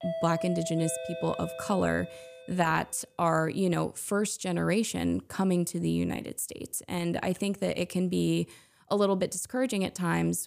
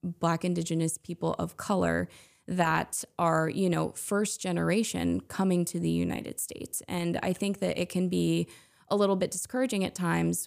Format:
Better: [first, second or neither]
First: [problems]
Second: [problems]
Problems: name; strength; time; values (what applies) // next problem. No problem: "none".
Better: second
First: doorbell; noticeable; until 2.5 s; peak 5 dB below the speech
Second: none